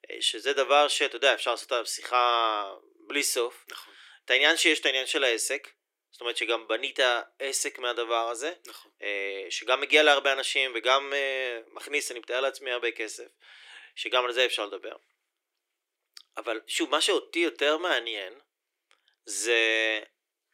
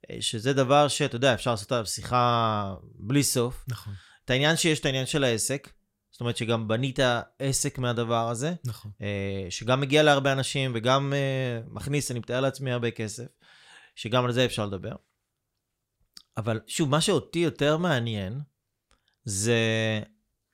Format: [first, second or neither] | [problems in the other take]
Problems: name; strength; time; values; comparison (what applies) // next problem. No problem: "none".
second | thin; very; fading below 300 Hz